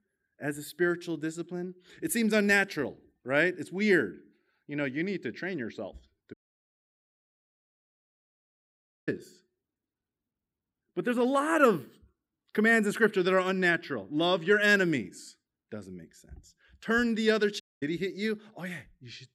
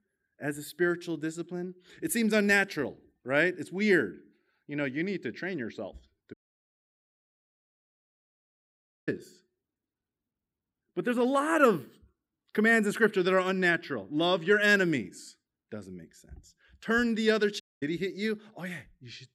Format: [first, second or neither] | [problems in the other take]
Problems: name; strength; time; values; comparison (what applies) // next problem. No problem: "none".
neither | audio cutting out; at 6.5 s for 2.5 s and at 18 s; the same in both